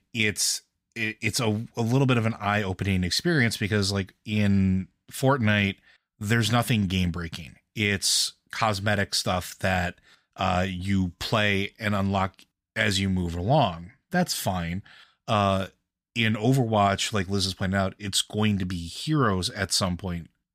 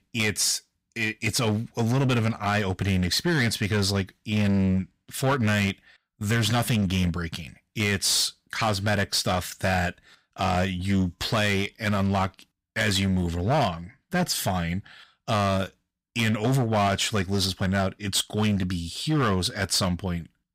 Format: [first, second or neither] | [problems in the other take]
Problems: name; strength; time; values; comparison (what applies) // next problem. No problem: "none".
first | distortion; slight; 10% of the sound clipped